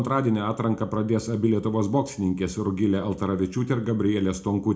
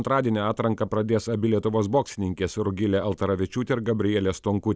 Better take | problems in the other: second | room echo; dies away in 0.3 s

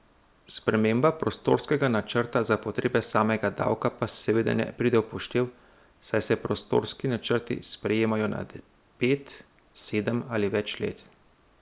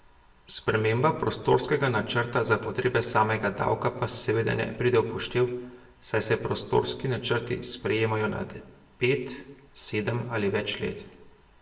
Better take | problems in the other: first | room echo; dies away in 0.7 s

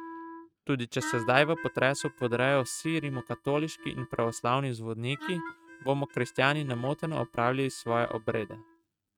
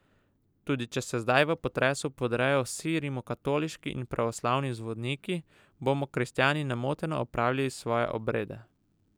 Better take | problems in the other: second | noise reduction (neural mask model RNNoise)

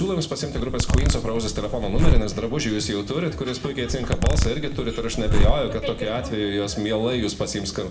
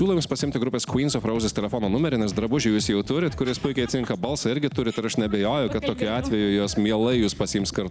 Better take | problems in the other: second | background sound (Zipper (clothing)); 4 dB above the speech // room echo; dies away in 0.9 s

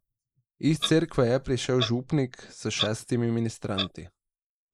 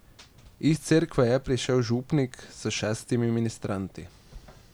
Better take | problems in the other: second | noise reduction (neural mask model Resemble Enhance denoiser)

